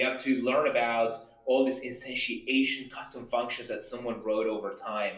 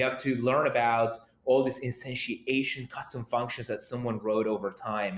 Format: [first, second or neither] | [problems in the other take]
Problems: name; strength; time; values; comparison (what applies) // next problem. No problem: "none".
second | room echo; dies away in 0.3 s